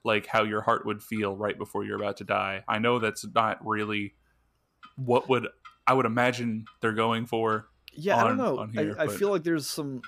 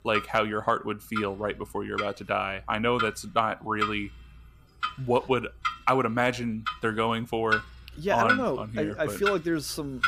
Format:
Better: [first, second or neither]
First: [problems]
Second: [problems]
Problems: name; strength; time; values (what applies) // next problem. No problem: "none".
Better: first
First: household noises; faint; throughout; 25 dB below the speech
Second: household noises; loud; throughout; 4 dB below the speech